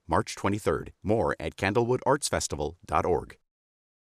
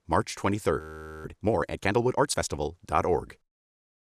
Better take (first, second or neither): first